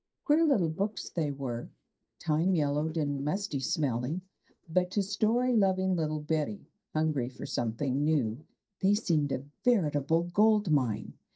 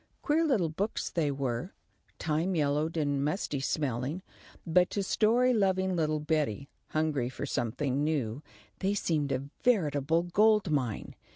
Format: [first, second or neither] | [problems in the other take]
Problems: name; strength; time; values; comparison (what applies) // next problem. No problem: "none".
second | noise reduction (neural mask model DeepFilterNet 3)